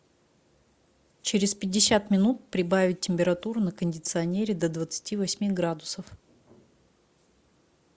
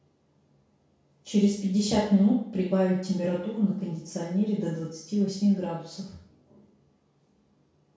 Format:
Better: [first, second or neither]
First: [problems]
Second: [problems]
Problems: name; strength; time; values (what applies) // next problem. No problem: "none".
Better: first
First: none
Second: room echo; dies away in 0.6 s